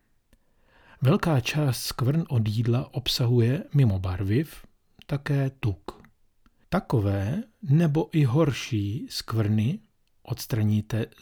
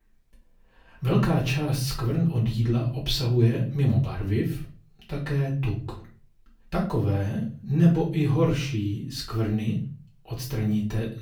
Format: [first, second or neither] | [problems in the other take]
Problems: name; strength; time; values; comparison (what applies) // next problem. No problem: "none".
first | off-mic speech; far // room echo; slight; dies away in 0.3 s